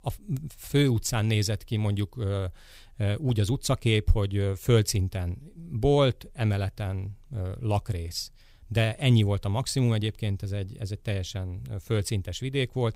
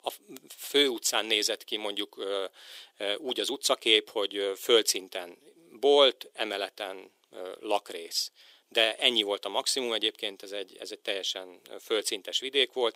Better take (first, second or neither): first